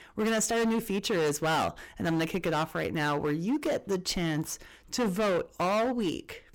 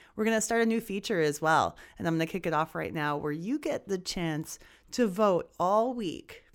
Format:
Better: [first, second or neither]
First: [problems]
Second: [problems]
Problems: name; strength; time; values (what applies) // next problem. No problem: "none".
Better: second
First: distortion; heavy; 18% of the sound clipped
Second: none